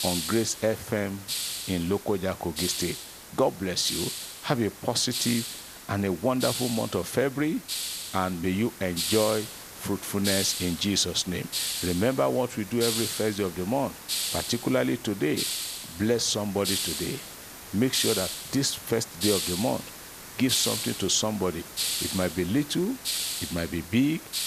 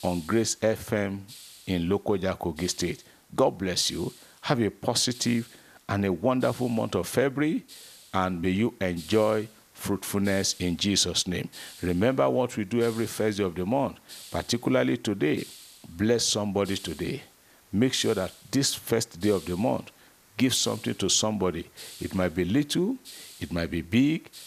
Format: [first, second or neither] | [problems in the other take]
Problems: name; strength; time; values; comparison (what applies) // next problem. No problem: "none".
second | hiss; loud; throughout; 4 dB below the speech; faint in the second